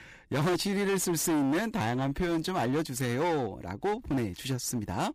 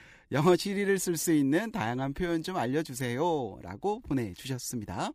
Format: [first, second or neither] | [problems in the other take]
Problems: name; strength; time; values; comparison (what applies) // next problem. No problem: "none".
second | distortion; heavy; 20% of the sound clipped